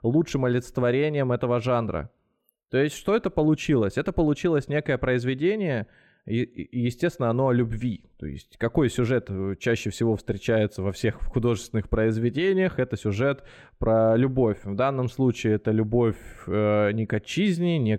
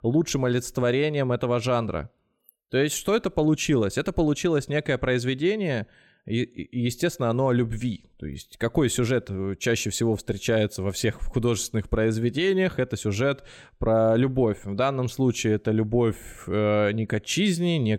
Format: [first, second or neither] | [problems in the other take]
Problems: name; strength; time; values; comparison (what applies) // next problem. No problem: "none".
second | muffled; slightly; fading above 3.5 kHz